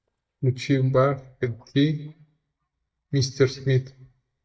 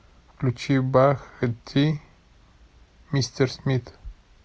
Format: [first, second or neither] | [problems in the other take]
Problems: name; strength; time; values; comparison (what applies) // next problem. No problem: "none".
second | noise reduction (neural mask model DeepFilterNet 3)